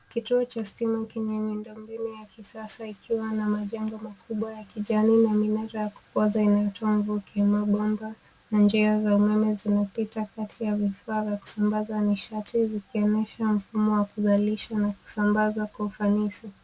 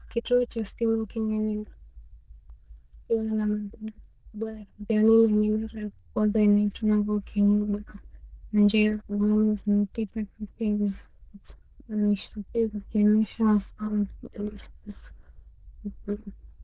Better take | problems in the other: first | noise reduction (neural diffusion model UNIVERSE++)

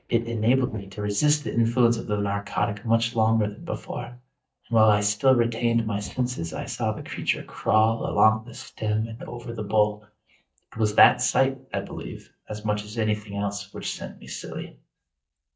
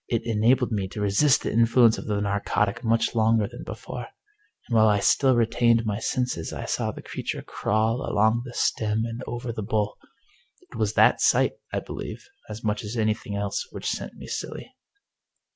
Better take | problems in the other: second | noise reduction (neural mask model DeepFilterNet 3)

